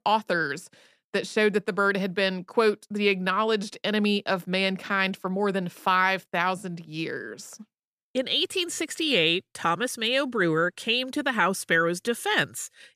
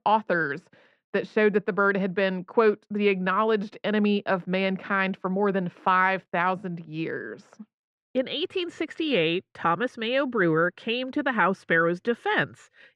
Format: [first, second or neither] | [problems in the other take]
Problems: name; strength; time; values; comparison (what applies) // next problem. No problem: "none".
first | muffled; slightly; fading above 2 kHz